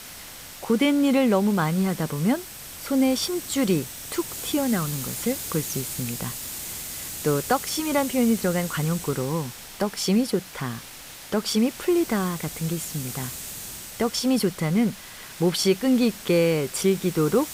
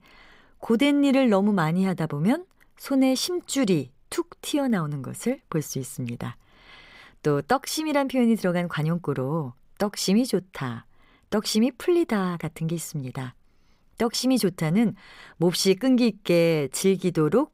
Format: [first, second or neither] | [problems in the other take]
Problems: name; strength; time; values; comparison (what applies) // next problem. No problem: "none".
second | hiss; loud; throughout; 10 dB below the speech